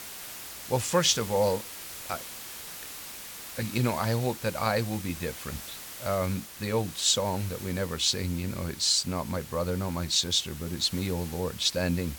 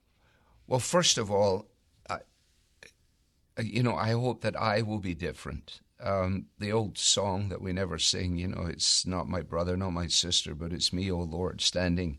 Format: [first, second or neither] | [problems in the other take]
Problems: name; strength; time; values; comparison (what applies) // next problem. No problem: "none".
second | hiss; noticeable; throughout; 10 dB below the speech